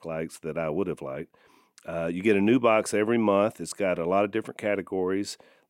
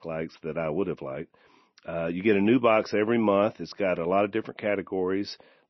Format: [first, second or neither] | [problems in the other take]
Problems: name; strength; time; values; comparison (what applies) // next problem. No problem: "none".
first | garbled, watery; slightly; nothing above 6 kHz